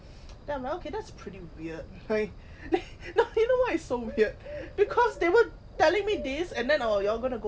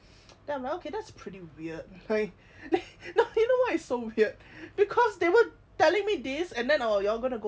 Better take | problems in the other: second | background sound (Bird); 15 dB below the speech

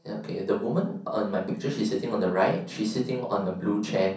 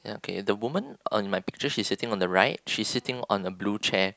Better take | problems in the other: second | room echo; dies away in 0.6 s

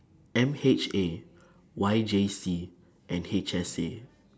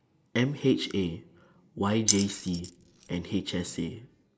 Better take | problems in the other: first | noise reduction (neural mask model Resemble Enhance denoiser)

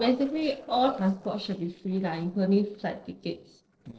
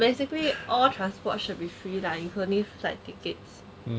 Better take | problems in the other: second | noise reduction (neural separator model SepFormer DNS4)

